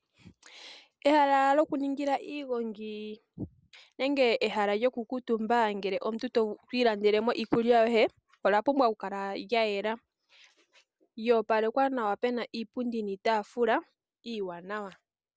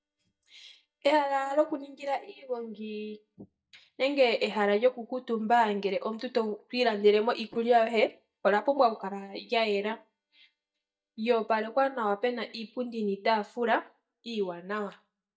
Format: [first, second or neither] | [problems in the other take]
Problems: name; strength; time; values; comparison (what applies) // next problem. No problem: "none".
first | noise reduction (neural mask model DeepFilterNet 3)